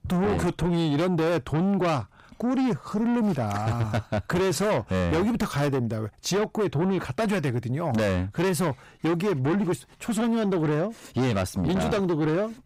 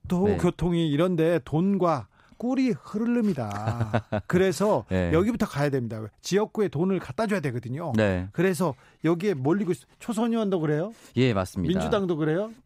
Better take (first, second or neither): second